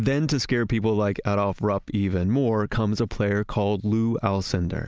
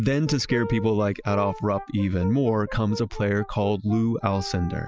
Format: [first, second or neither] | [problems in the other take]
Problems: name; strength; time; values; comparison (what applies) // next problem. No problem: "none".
first | noise reduction (classical method Wiener filter)